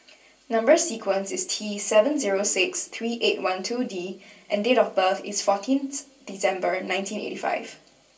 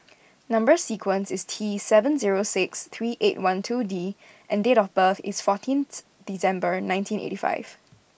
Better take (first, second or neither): second